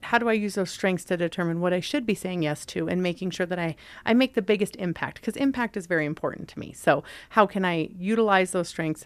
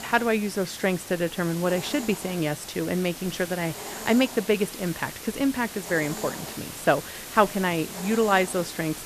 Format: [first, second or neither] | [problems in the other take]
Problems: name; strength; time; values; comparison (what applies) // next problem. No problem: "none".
first | hiss; noticeable; throughout; 10 dB below the speech